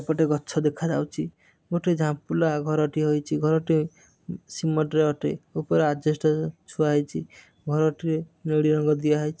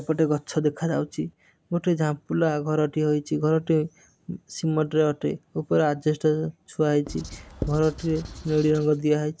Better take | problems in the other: first | background sound (Writing); 13 dB below the speech

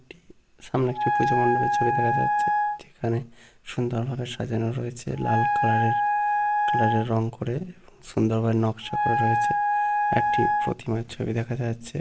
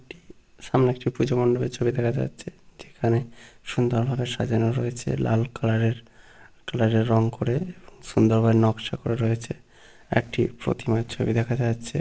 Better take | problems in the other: second | background sound (Wind instrument, woodwind instrument); 2 dB above the speech

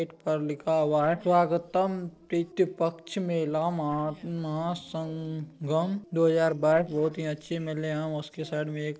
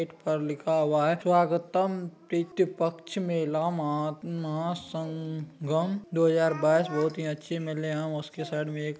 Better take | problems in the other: second | noise reduction (neural separator model SepFormer DNS4)

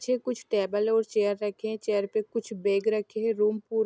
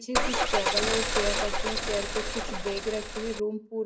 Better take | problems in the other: first | background sound (Car); 4 dB above the speech // room echo; dies away in 0.4 s

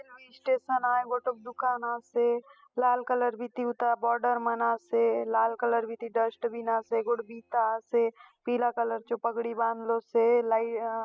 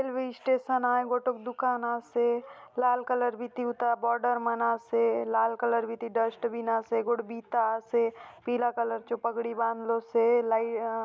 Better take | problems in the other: second | noise reduction (classical method spectral subtraction)

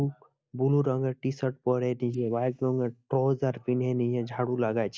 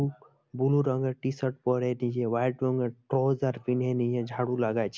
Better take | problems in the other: second | noise reduction (neural mask model DeepFilterNet 3)

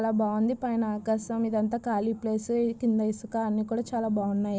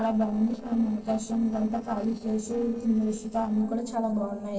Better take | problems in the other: first | noise reduction (neural separator model SepFormer DNS4)

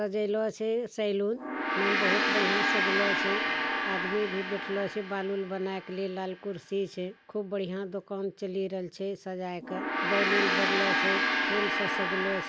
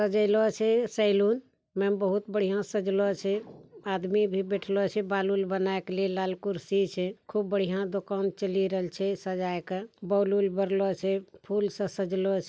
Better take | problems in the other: second | background sound (Gong); 1 dB above the speech

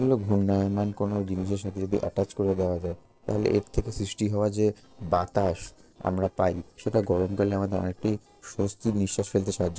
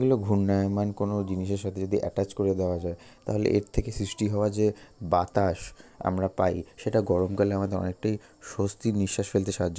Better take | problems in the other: second | noise reduction (neural separator model SepFormer DNS4)

